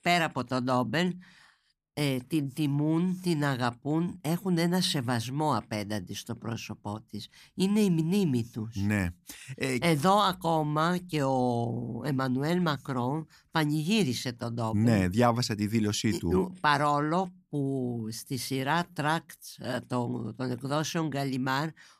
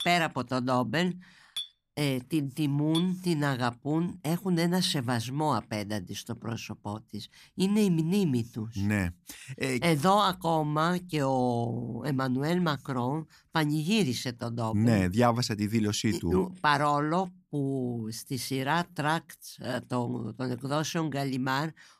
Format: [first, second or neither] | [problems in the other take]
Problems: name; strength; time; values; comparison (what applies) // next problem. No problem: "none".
first | clattering dishes; noticeable; until 3 s; peak 8 dB below the speech